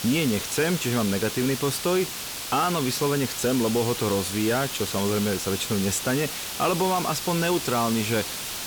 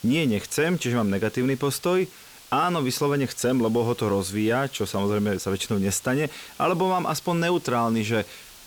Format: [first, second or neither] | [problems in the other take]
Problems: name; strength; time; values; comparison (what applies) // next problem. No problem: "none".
second | hiss; loud; throughout; 5 dB below the speech; faint in the second